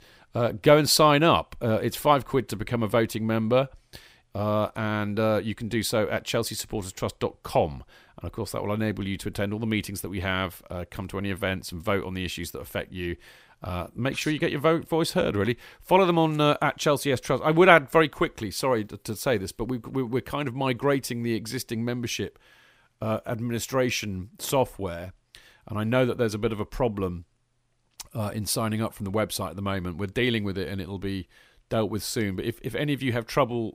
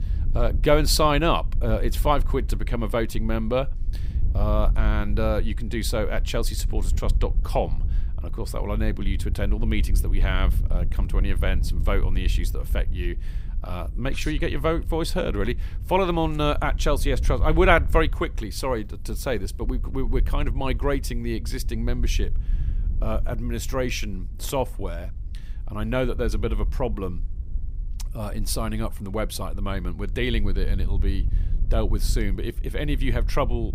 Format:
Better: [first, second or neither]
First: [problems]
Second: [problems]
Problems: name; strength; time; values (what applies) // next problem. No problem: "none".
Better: first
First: none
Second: wind noise on the microphone; occasional gusts; 20 dB below the speech